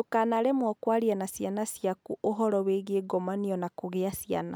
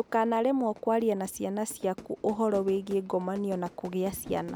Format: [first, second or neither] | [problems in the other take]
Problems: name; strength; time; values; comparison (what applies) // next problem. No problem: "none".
first | background sound (Fire / Fireworks); 19 dB below the speech